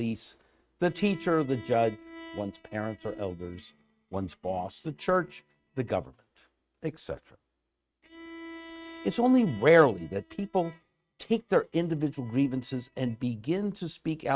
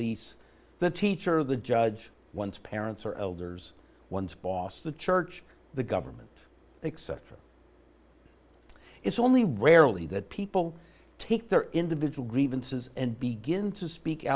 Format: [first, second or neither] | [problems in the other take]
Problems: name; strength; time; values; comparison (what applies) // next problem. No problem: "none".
second | noise reduction (neural mask model RNNoise)